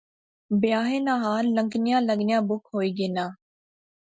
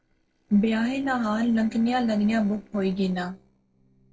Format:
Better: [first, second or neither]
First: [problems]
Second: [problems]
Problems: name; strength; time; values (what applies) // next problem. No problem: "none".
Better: first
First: none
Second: noise reduction (neural separator model SepFormer DNS4)